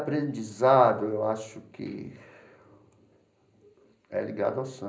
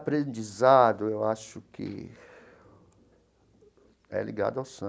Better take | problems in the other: second | room echo; dies away in 0.5 s

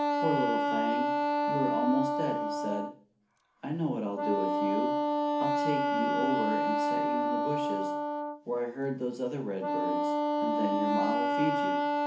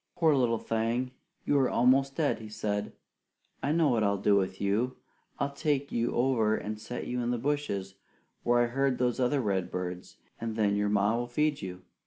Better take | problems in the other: second | background sound (Wind instrument, woodwind instrument); 5 dB above the speech // room echo; dies away in 0.4 s

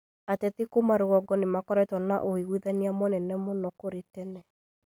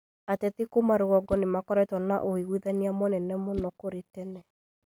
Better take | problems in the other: first | background sound (Whoosh, swoosh, swish); 20 dB below the speech

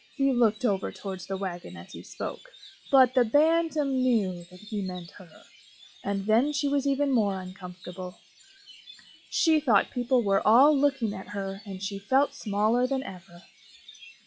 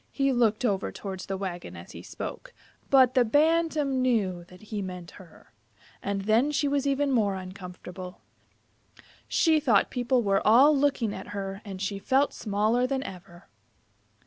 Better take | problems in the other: second | noise reduction (classical method log-MMSE)

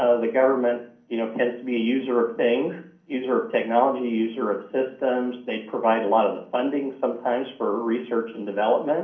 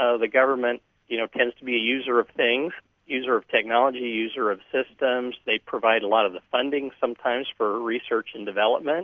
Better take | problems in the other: second | room echo; dies away in 0.6 s

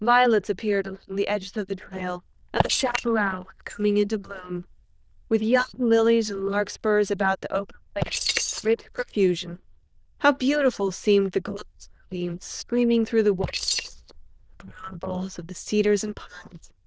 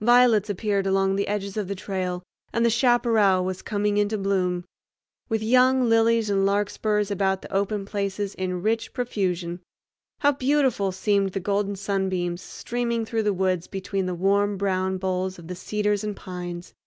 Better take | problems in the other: second | noise reduction (neural diffusion model UNIVERSE++)

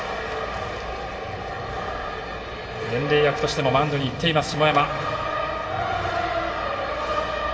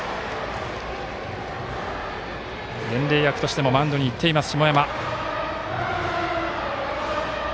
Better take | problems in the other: second | room echo; dies away in 1.8 s

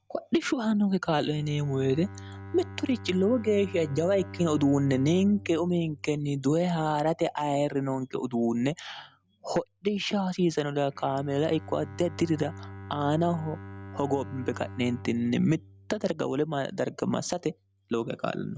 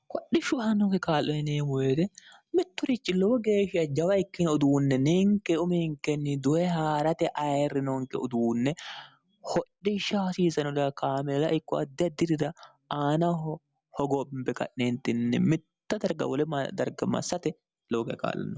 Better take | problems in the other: second | background sound (Bowed string instrument); 17 dB below the speech

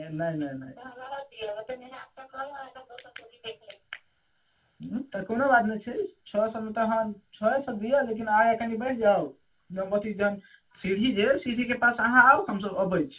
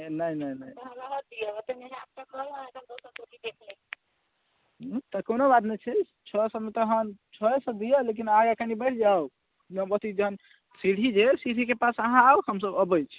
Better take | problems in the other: second | room echo; dies away in 0.2 s

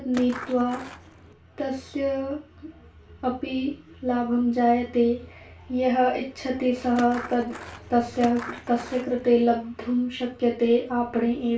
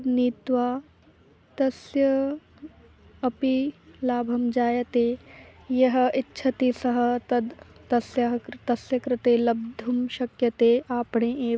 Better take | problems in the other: second | background sound (Skateboard); 14 dB below the speech // room echo; dies away in 0.3 s

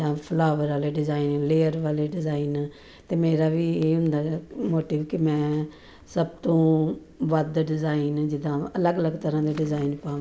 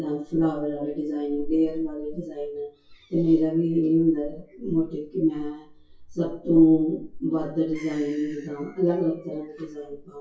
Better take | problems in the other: first | noise reduction (classical method WPE with log-MMSE)

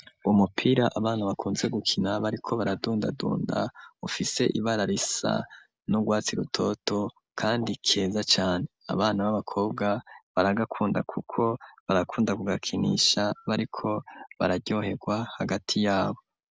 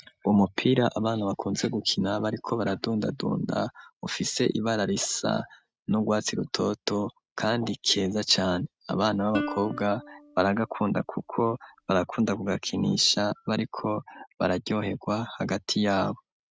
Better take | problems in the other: first | noise reduction (neural mask model RNNoise)

